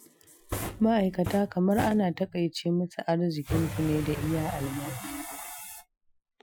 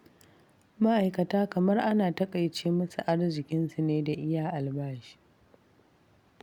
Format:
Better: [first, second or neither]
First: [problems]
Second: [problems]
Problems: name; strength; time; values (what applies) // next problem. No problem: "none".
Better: second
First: noise reduction (classical method Wiener filter)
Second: none